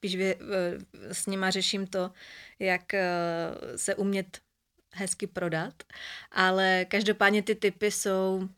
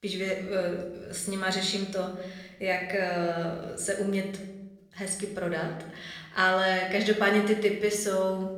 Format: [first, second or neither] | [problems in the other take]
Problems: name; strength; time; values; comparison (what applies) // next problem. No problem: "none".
first | room echo; noticeable; dies away in 0.8 s // off-mic speech; somewhat distant